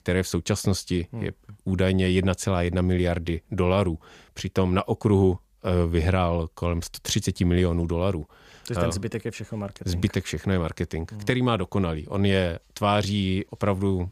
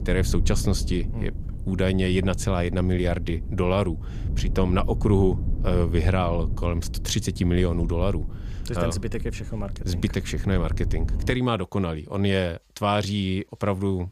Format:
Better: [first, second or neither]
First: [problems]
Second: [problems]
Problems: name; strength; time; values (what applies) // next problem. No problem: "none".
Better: first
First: none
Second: wind noise on the microphone; occasional gusts; until 11 s; 15 dB below the speech